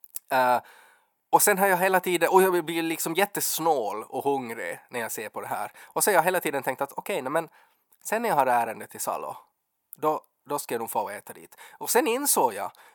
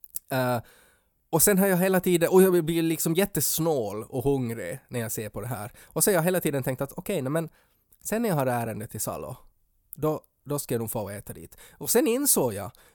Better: second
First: thin; somewhat; fading below 300 Hz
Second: none

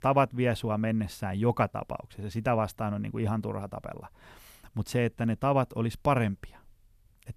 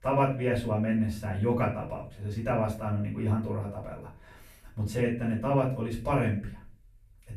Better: first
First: none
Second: room echo; slight; dies away in 0.3 s // off-mic speech; far

